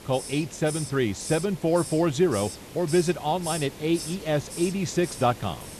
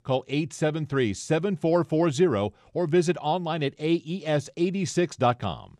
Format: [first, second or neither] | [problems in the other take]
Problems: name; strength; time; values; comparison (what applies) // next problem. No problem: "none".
second | hiss; noticeable; throughout; 10 dB below the speech